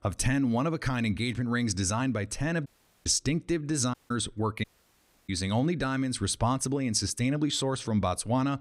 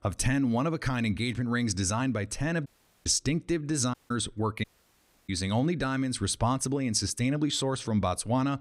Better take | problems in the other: neither | audio cutting out; at 2.5 s, at 4 s and at 4.5 s for 0.5 s; the same in both

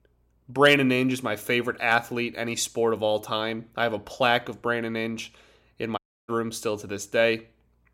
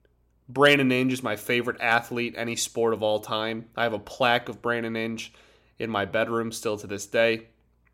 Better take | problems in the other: second | audio cutting out; at 6 s

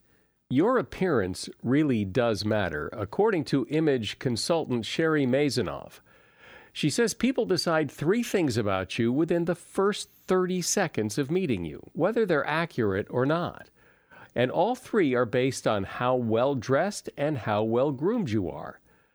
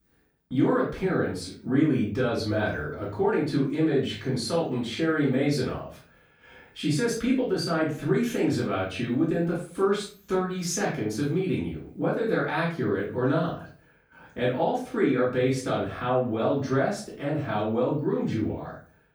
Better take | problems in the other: first | off-mic speech; far // room echo; noticeable; dies away in 0.3 s

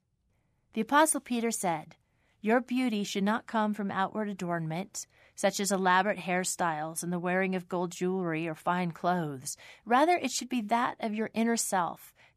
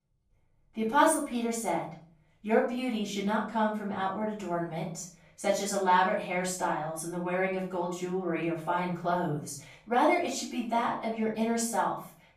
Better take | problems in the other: first | off-mic speech; far // room echo; noticeable; dies away in 0.4 s

